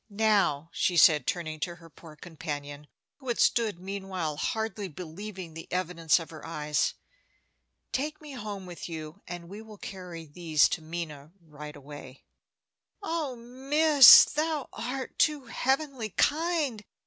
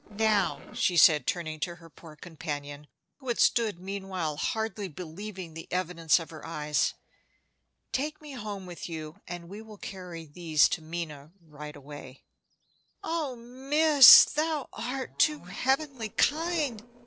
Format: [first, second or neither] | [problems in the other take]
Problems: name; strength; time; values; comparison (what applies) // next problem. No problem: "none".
first | noise reduction (neural separator model SepFormer DNS4)